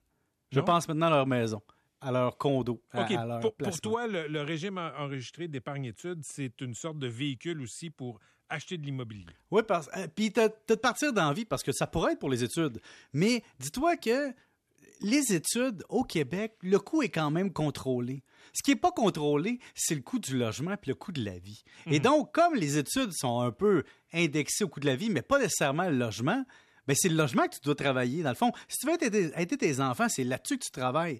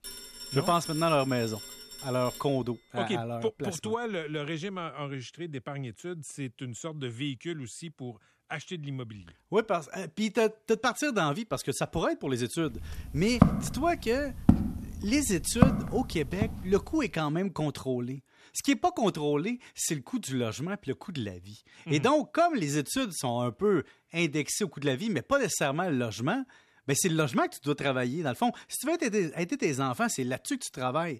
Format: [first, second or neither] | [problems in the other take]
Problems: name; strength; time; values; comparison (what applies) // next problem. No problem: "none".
first | phone ringing; noticeable; until 2.5 s; peak 7 dB below the speech // footsteps; loud; from 13 to 16 s; peak 6 dB above the speech